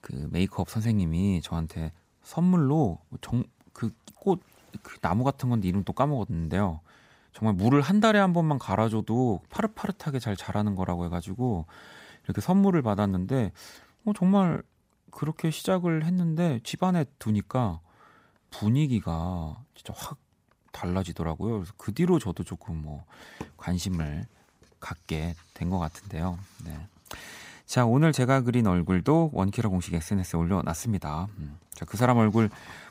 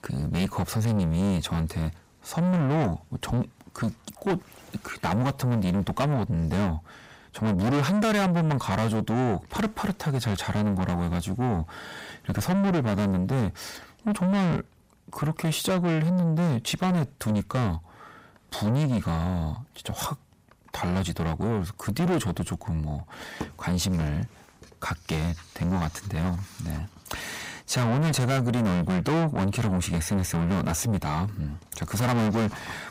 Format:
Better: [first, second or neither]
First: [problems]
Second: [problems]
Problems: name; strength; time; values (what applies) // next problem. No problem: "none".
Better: first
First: none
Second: distortion; heavy; 5 dB below the speech